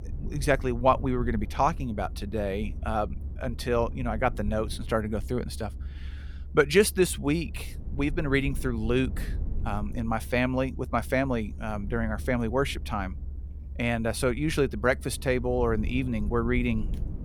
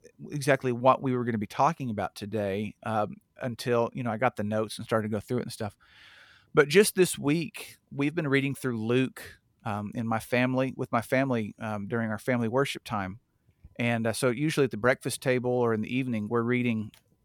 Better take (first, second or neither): second